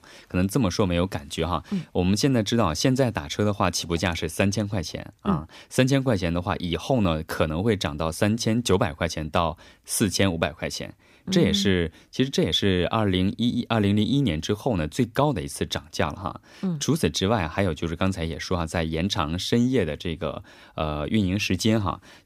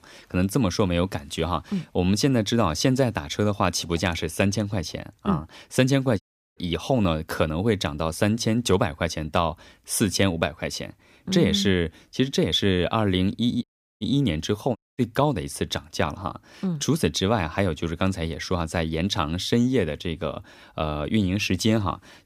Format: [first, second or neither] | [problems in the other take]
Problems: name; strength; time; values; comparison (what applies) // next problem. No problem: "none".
first | audio cutting out; at 6 s, at 14 s and at 15 s